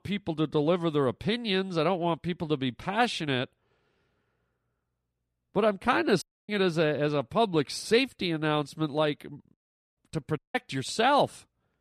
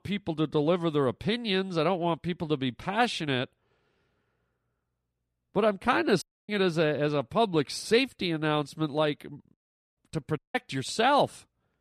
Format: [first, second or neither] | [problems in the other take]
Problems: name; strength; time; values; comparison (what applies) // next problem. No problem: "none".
neither | audio cutting out; at 6 s, at 9.5 s and at 10 s; the same in both